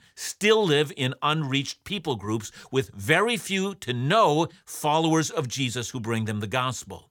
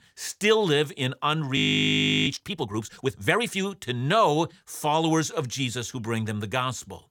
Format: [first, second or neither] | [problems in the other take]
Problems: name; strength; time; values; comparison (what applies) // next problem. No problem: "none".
first | audio freezing; at 1.5 s for 0.5 s